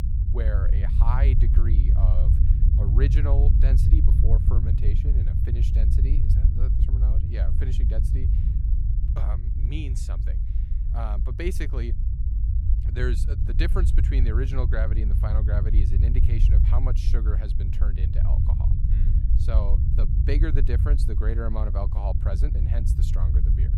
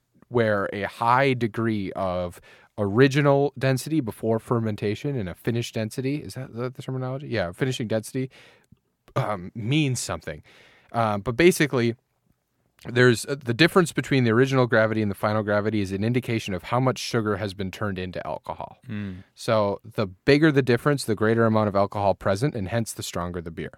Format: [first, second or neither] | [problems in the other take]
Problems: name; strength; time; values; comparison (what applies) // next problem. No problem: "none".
second | low rumble; loud; throughout; 3 dB below the speech